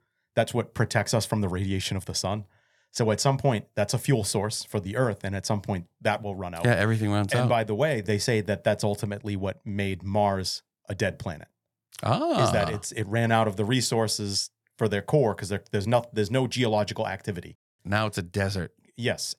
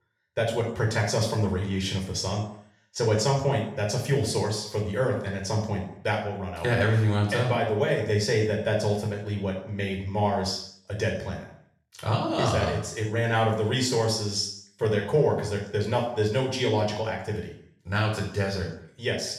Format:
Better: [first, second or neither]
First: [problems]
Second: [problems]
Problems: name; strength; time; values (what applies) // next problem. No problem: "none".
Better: first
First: none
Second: room echo; noticeable; dies away in 0.6 s // off-mic speech; far